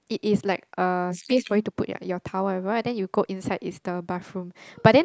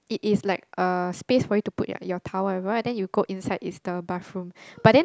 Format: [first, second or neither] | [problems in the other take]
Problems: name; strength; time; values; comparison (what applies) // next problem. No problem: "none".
second | noise reduction (neural mask model Resemble Enhance denoiser)